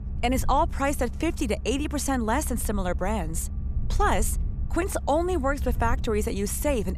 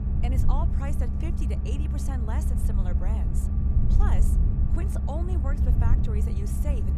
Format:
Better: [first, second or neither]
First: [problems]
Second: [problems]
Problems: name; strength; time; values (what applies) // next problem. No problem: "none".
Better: first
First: low rumble; faint; throughout; 20 dB below the speech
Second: low rumble; loud; throughout; 1 dB below the speech